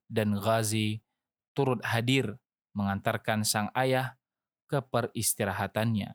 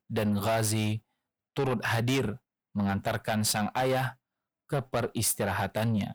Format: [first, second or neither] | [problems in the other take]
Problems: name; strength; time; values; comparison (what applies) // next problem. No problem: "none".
first | distortion; heavy; 7 dB below the speech